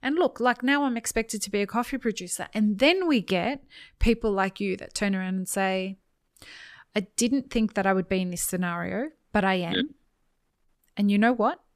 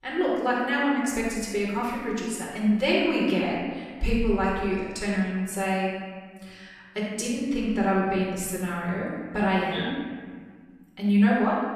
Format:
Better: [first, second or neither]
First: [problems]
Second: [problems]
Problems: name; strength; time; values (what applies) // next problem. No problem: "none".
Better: first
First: none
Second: room echo; strong; dies away in 1.6 s // off-mic speech; far